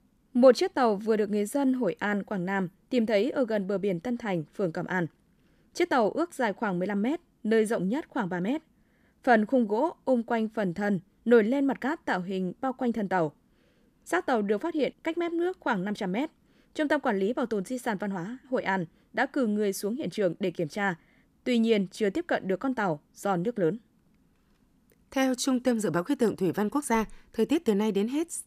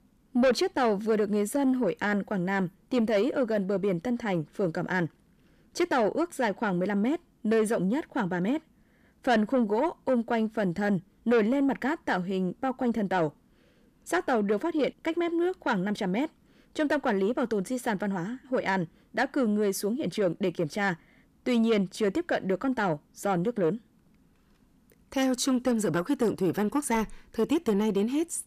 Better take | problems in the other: first | distortion; slight; 10 dB below the speech

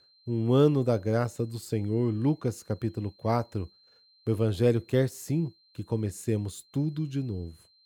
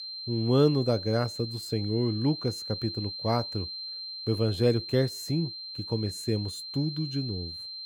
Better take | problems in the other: first | high-pitched whine; loud; throughout; 4 kHz, 7 dB below the speech; faint in the first

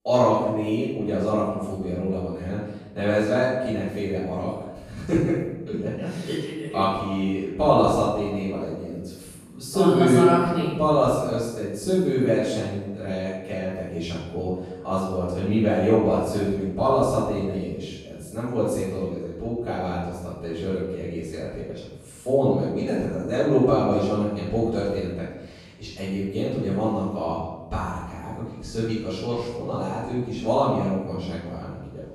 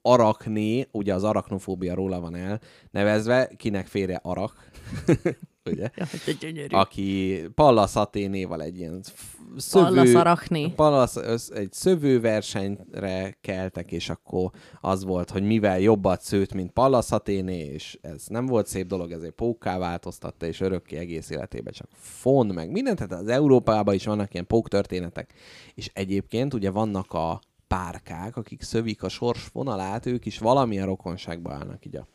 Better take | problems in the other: second | room echo; strong; dies away in 0.9 s // off-mic speech; far

